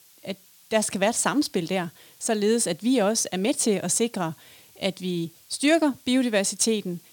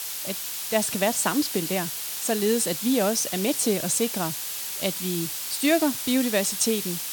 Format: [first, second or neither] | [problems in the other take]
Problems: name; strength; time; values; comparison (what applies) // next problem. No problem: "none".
first | hiss; loud; throughout; 4 dB below the speech; faint in the first